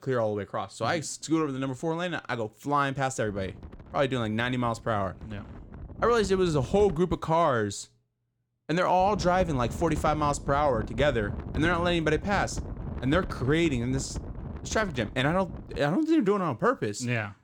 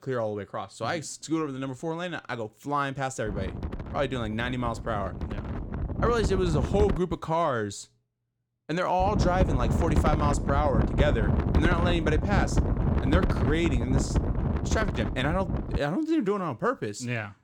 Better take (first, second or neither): first